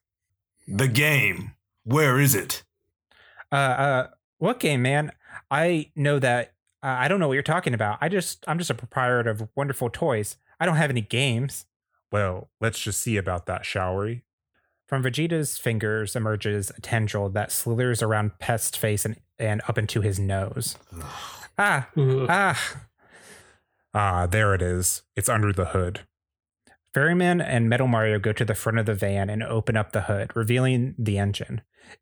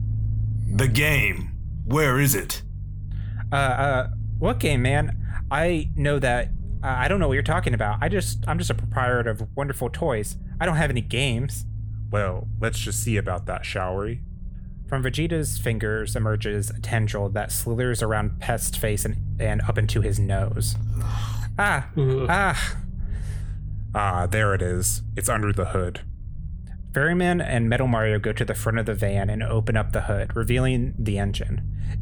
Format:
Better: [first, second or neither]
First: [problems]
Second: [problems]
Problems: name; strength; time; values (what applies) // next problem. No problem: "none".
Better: first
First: none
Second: low rumble; noticeable; throughout; 20 dB below the speech